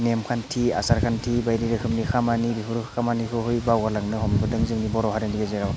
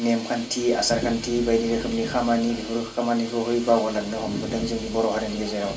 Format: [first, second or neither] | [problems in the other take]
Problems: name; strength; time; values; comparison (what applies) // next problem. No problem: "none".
first | room echo; dies away in 0.3 s